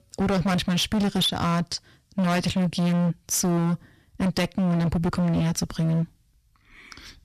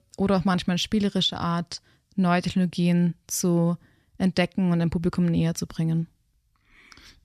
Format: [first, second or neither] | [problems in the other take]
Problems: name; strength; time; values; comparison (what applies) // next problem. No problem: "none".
second | distortion; heavy; 25% of the sound clipped